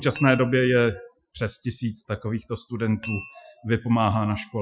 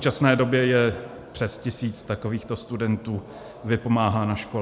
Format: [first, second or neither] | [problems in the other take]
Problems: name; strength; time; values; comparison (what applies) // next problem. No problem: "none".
second | noise reduction (classical method Wiener filter)